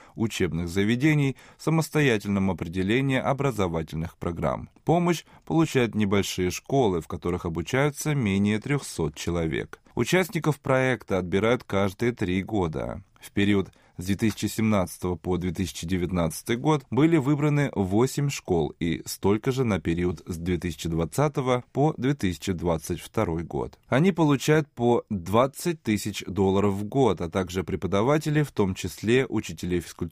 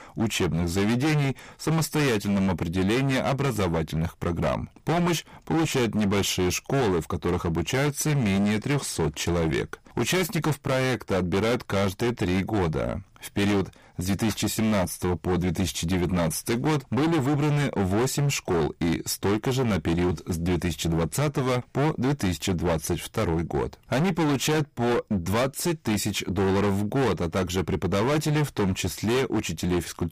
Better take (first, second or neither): first